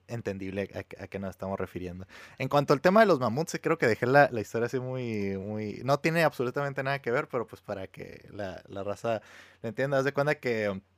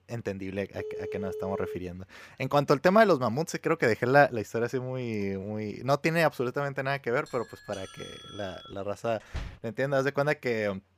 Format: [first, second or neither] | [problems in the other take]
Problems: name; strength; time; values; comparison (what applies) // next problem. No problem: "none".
first | phone ringing; noticeable; at 1 s; peak 8 dB below the speech // doorbell; faint; from 7.5 to 9 s; peak 15 dB below the speech // door banging; faint; at 9.5 s; peak 15 dB below the speech